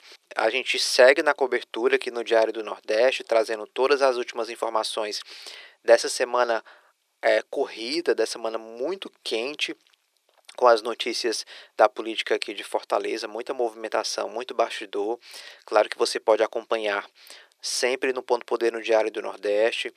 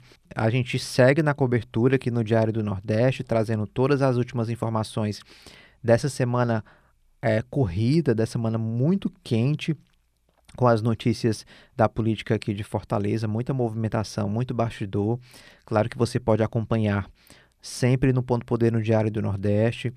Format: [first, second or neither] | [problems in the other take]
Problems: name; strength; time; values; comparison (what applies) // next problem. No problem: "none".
second | thin; very; fading below 400 Hz